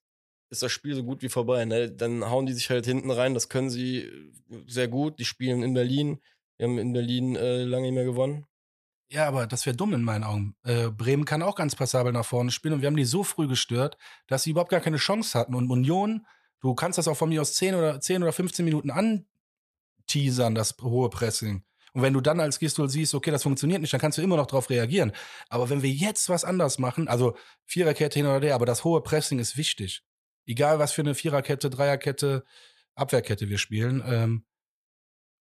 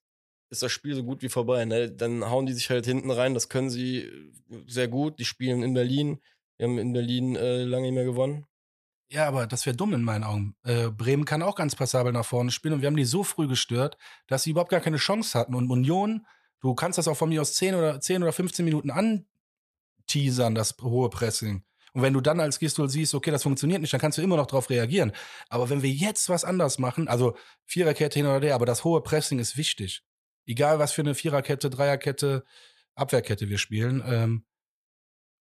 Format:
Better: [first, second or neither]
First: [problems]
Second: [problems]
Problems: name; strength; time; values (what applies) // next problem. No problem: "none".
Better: neither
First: none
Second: none